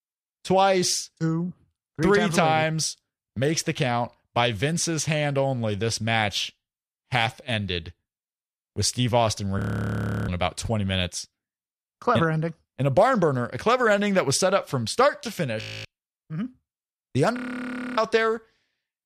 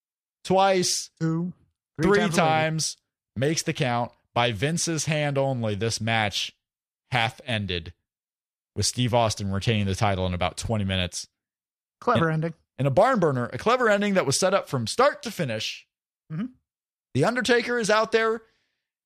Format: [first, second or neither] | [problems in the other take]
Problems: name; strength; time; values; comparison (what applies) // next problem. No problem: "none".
second | audio freezing; at 9.5 s for 0.5 s, at 16 s and at 17 s for 0.5 s